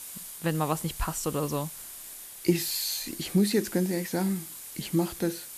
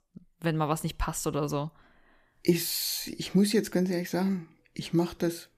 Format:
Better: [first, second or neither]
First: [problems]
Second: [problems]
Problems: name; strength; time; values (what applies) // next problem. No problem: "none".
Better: second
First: hiss; noticeable; throughout; 10 dB below the speech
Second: none